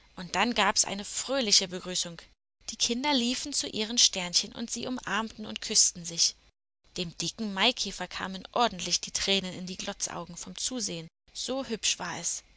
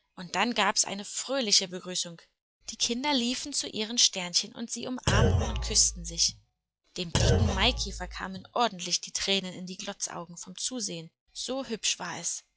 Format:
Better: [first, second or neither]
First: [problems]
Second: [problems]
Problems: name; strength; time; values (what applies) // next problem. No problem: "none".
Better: first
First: none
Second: noise reduction (classical method log-MMSE)